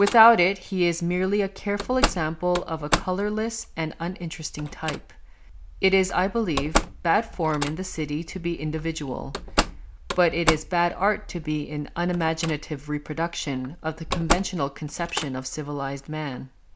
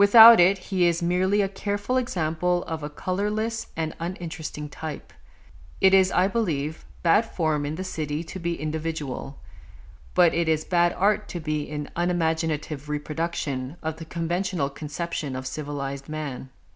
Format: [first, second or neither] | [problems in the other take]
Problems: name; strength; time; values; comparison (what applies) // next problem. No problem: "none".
second | background sound (Slam); 7 dB below the speech